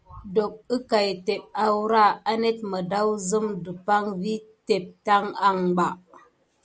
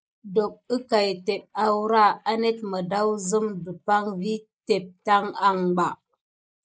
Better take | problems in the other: first | noise reduction (neural mask model Resemble Enhance denoiser)

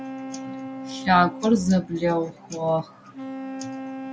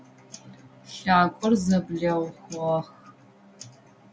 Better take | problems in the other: second | background sound (Wind instrument, woodwind instrument); 11 dB below the speech

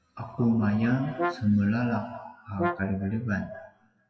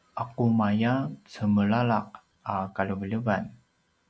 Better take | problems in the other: second | noise reduction (classical method WPE with log-MMSE)

